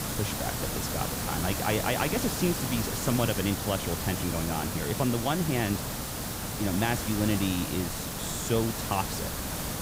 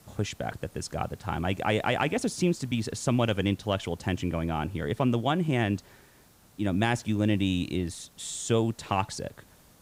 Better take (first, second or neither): second